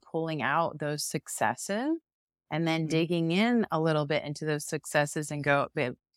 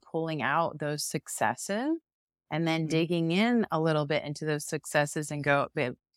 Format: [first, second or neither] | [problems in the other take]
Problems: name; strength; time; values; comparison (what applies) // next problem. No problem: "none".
neither | none